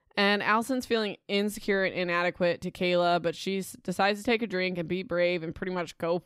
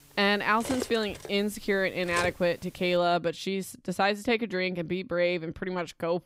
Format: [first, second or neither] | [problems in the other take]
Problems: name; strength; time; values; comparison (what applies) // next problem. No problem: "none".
first | clattering dishes; noticeable; from 0.5 to 2.5 s; peak 8 dB below the speech